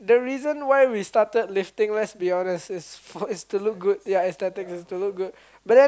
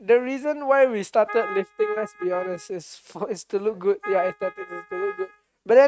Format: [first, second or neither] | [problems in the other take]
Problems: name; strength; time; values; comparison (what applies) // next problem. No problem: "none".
first | noise reduction (neural mask model RNNoise)